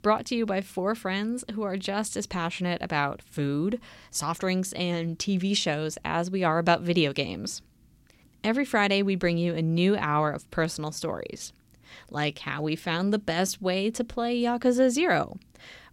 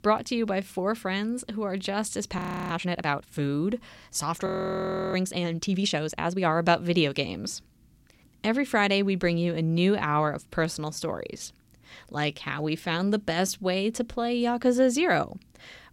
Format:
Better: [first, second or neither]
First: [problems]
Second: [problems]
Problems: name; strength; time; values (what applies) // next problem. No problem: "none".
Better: first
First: none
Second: audio freezing; at 2.5 s and at 4.5 s for 0.5 s